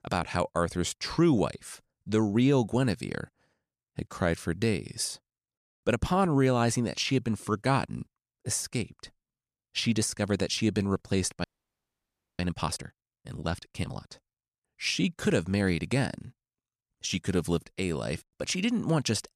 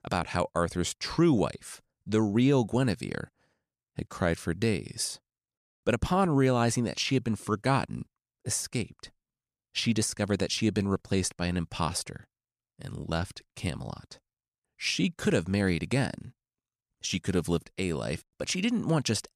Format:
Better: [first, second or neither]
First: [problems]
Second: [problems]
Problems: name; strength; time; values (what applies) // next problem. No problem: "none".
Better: second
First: audio freezing; at 11 s for 1 s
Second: none